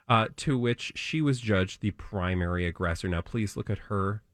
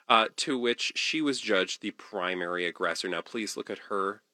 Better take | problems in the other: first | thin; somewhat; fading below 300 Hz

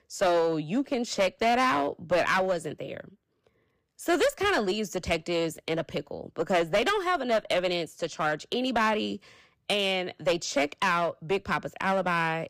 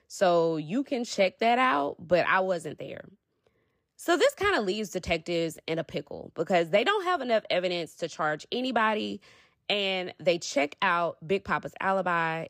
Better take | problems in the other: second | distortion; slight; 7% of the sound clipped

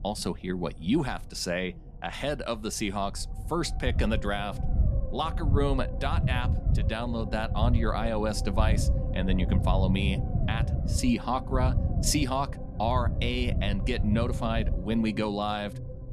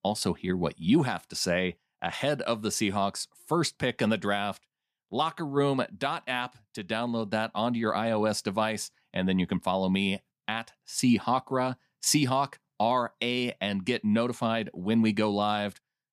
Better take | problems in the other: second | low rumble; noticeable; throughout; 10 dB below the speech

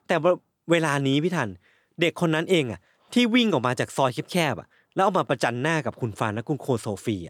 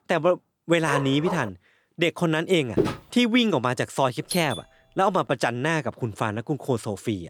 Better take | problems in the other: first | dog barking; noticeable; at 1 s; peak 6 dB below the speech // footsteps; noticeable; at 3 s; peak 1 dB below the speech // doorbell; noticeable; at 4.5 s; peak 8 dB below the speech

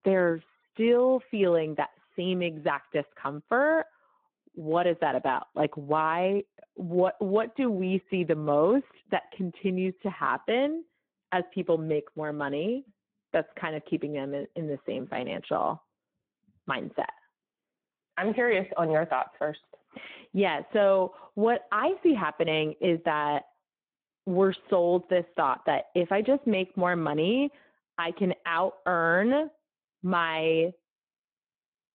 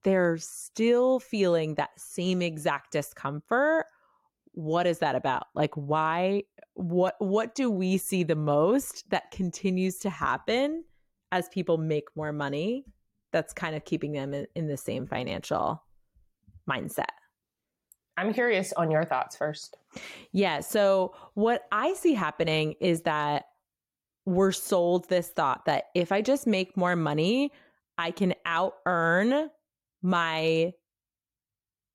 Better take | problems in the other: second | phone-call audio

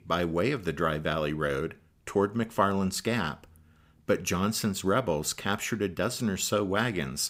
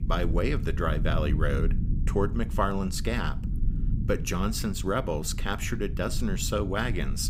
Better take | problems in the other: first | low rumble; noticeable; throughout; 15 dB below the speech

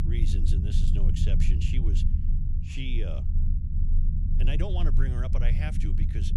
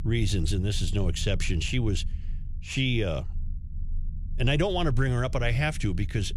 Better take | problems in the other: second | low rumble; loud; throughout; 4 dB below the speech; faint in the second

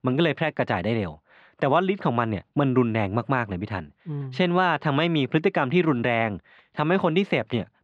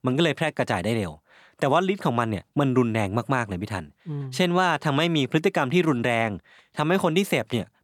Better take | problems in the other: second | muffled; slightly; fading above 3.5 kHz

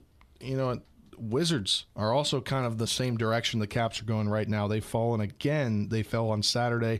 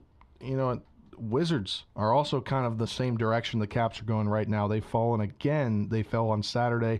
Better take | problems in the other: first | muffled; slightly; fading above 2 kHz

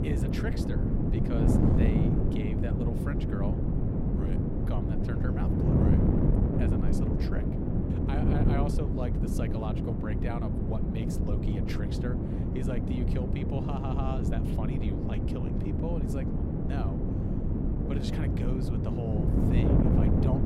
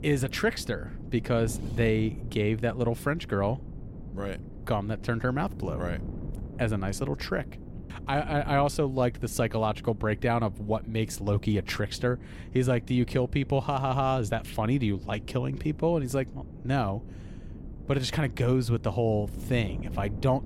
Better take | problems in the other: second | wind noise on the microphone; heavy; 4 dB above the speech; occasional gusts in the second

